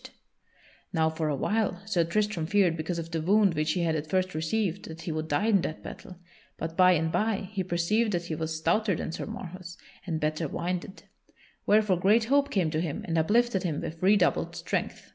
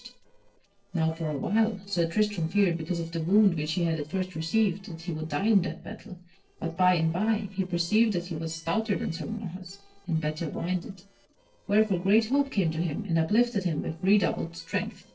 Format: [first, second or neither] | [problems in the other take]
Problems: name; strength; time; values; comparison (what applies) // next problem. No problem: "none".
first | noise reduction (neural separator model SepFormer DNS4)